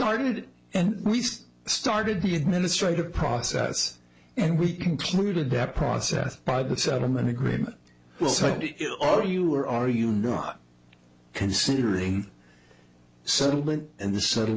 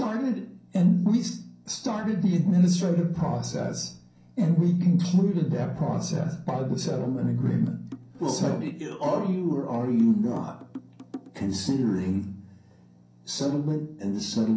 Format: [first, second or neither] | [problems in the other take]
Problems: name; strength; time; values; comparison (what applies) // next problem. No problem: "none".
first | background sound (Drum); 17 dB below the speech // room echo; dies away in 0.6 s